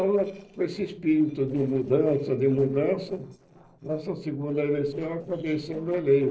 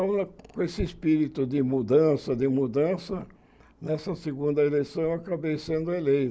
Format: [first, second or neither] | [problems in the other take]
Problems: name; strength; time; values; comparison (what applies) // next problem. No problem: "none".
second | noise reduction (neural separator model SepFormer DNS4)